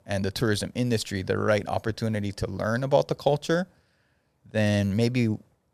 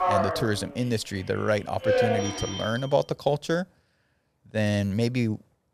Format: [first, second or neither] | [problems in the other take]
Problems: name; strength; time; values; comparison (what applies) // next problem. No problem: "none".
first | alarms or sirens; very faint; until 2.5 s; as loud as the speech